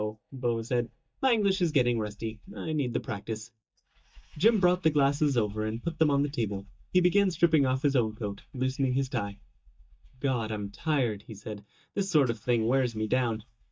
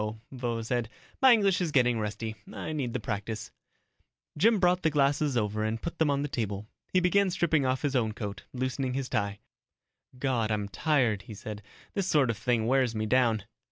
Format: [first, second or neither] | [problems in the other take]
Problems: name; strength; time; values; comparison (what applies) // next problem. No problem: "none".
second | noise reduction (neural mask model DeepFilterNet 3)